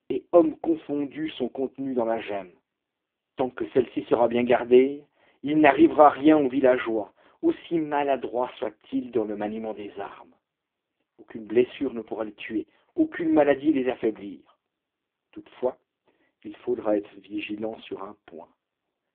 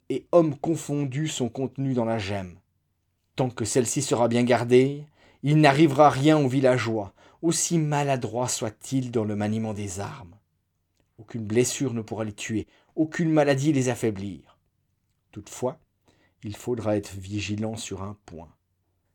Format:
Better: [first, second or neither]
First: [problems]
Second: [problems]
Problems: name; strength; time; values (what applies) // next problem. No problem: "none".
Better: second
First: phone-call audio; poor line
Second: none